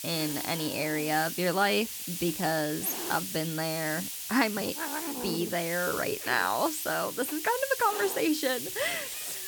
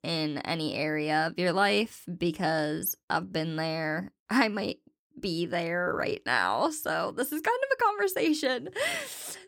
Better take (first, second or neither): second